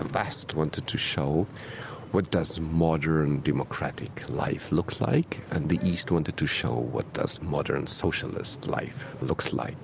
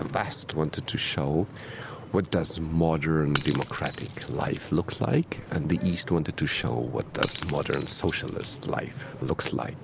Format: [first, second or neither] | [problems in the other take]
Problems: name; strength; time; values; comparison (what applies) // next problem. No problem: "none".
first | background sound (Shatter / Crushing); 14 dB below the speech